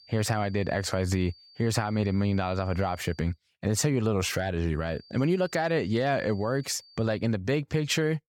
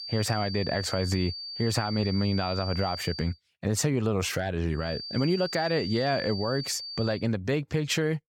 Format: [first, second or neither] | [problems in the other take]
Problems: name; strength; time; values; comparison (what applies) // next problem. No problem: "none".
first | high-pitched whine; loud; until 3.5 s and from 5 to 7 s; 4.5 kHz, 7 dB below the speech; faint in the first